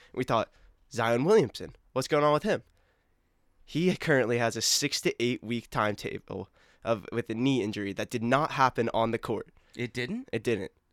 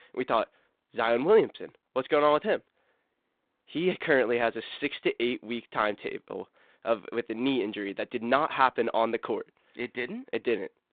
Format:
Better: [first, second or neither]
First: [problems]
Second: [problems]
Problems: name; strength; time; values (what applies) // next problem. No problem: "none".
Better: first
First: none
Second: phone-call audio; nothing above 4 kHz